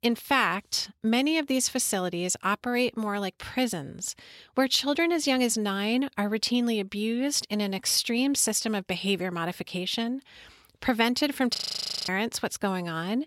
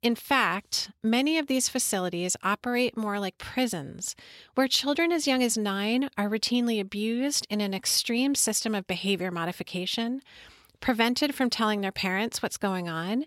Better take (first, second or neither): second